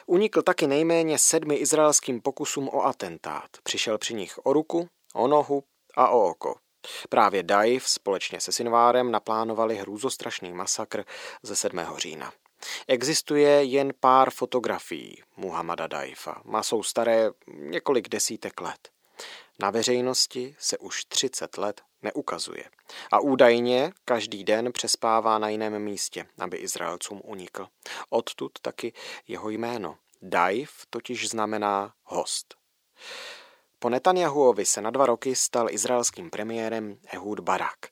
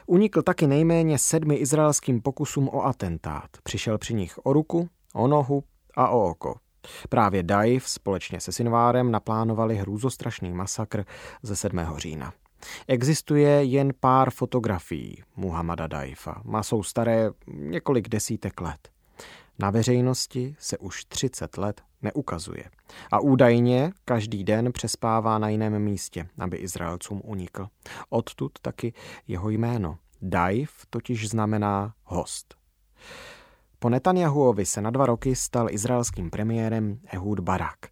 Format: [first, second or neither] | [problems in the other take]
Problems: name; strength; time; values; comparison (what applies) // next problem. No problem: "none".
second | thin; somewhat; fading below 400 Hz